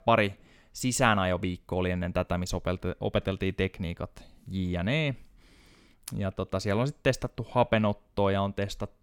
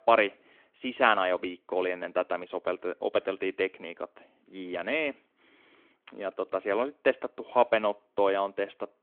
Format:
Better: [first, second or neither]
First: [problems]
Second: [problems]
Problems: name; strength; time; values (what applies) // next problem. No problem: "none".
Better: first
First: none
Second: phone-call audio